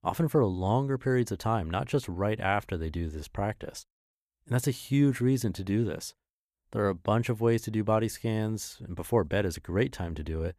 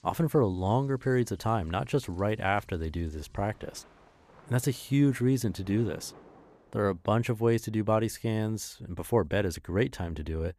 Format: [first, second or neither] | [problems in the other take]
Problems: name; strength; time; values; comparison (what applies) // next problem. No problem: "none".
first | rain or running water; faint; until 6.5 s; 30 dB below the speech